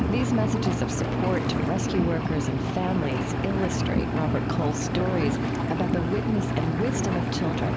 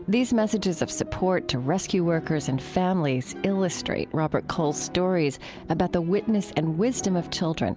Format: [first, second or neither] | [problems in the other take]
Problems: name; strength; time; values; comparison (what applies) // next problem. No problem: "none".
second | background sound (Engine); 3 dB above the speech